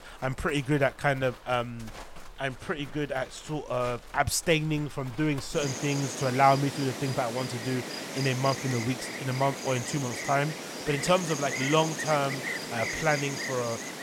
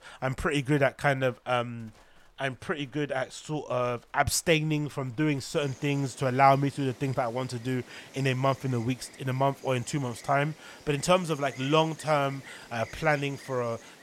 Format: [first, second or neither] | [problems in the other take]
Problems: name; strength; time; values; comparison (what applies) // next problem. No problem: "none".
second | animal sounds; loud; throughout; 6 dB below the speech; faint in the second